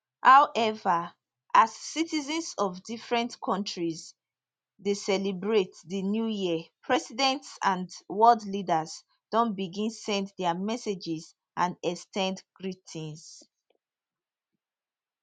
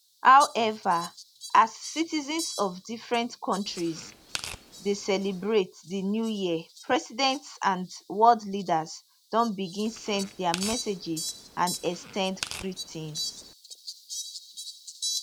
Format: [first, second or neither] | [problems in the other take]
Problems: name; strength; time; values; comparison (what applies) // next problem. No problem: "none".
first | background sound (Fowl + Tearing); 13 dB below the speech